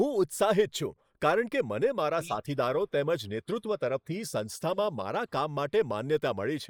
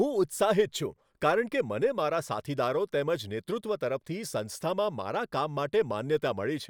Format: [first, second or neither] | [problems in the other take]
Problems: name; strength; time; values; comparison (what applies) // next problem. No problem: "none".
second | noise reduction (neural mask model Resemble Enhance denoiser)